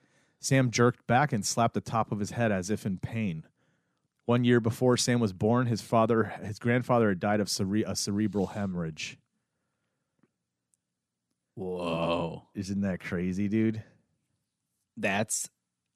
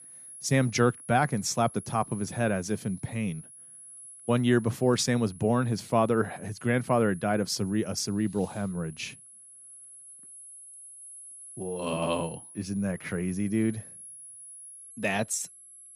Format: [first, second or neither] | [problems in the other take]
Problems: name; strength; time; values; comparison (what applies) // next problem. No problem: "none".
first | high-pitched whine; noticeable; throughout; 10.5 kHz, 15 dB below the speech